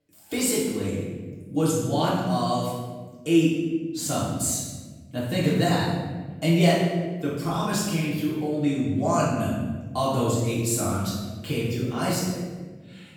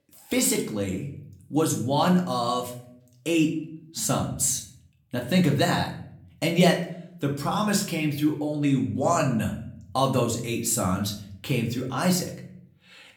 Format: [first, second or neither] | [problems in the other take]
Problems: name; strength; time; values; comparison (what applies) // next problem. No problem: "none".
second | room echo; strong; dies away in 1.4 s; slight in the second // off-mic speech; far; somewhat distant in the second